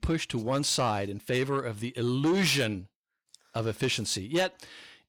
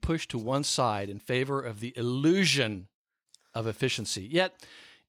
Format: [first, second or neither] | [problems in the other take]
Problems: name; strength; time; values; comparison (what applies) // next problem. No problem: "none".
second | distortion; slight; 10 dB below the speech